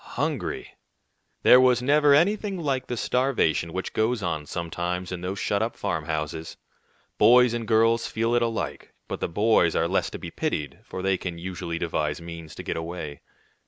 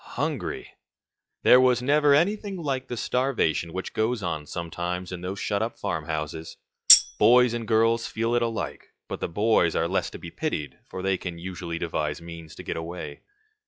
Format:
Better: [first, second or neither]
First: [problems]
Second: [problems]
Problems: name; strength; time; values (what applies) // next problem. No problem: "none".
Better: first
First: none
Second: noise reduction (classical method log-MMSE)